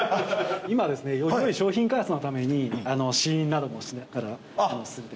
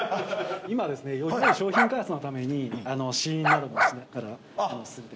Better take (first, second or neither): first